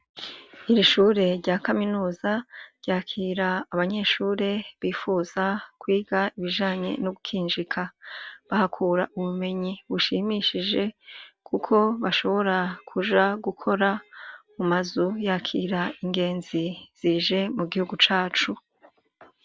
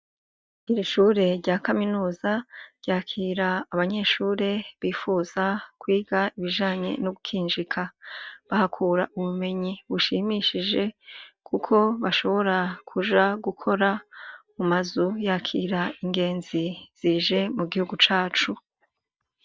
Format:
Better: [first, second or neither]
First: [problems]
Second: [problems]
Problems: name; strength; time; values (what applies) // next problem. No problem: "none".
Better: first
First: none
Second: noise reduction (neural mask model DeepFilterNet 3)